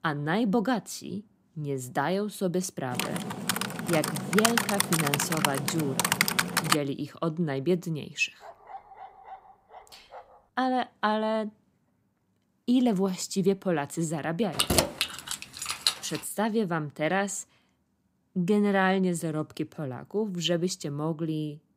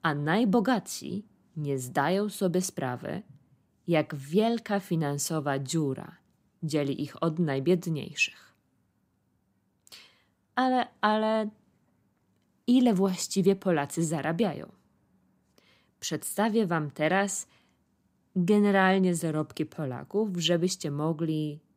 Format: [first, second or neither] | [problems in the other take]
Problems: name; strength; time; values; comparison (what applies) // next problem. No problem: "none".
second | keyboard typing; loud; from 3 to 7 s; peak 5 dB above the speech // dog barking; faint; from 8.5 to 10 s; peak 15 dB below the speech // jangling keys; loud; from 15 to 16 s; peak 5 dB above the speech